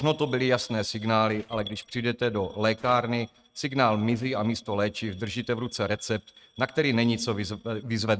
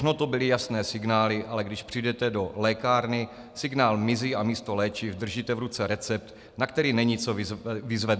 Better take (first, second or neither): second